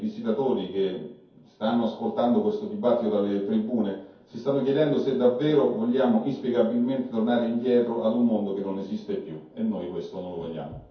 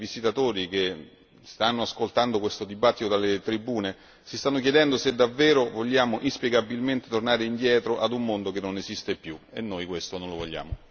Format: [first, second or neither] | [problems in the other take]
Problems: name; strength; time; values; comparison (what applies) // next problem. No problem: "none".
second | room echo; dies away in 0.6 s